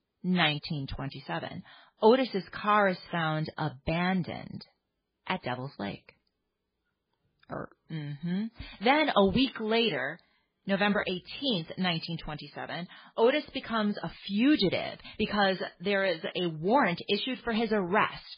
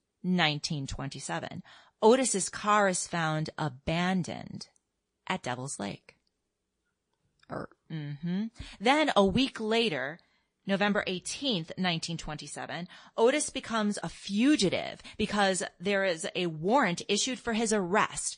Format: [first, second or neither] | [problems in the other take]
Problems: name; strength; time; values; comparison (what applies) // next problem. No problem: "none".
second | garbled, watery; badly; nothing above 5 kHz; slightly in the second